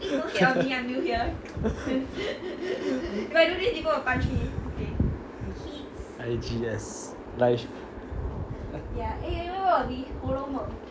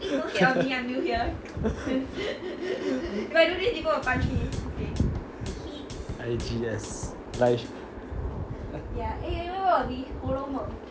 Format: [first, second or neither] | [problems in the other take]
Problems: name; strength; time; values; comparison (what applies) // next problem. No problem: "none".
first | background sound (Drum / Drum kit); 12 dB below the speech